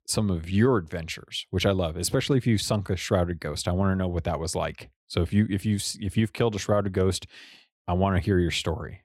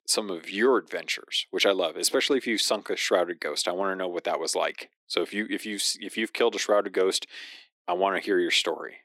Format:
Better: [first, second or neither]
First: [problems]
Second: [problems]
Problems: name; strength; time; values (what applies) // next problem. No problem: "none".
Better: first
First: none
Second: thin; somewhat; fading below 300 Hz